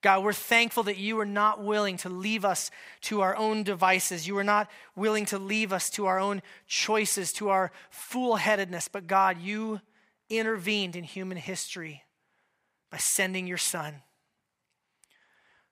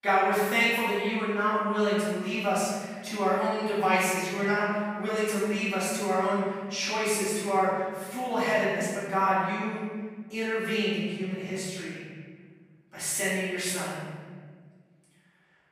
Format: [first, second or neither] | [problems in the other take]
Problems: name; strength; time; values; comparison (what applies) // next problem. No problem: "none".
first | room echo; strong; dies away in 1.7 s // off-mic speech; far